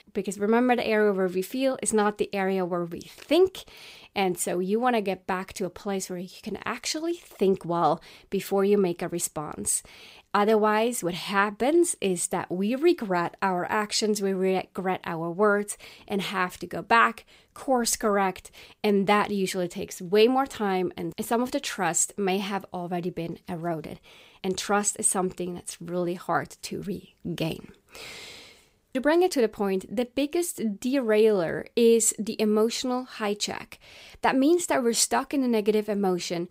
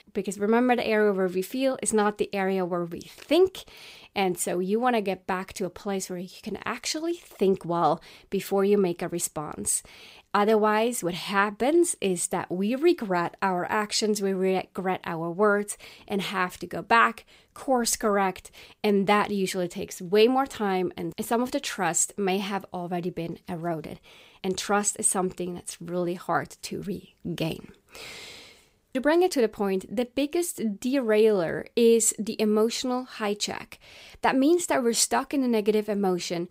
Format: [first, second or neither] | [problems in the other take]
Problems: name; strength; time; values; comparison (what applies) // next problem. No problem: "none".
neither | none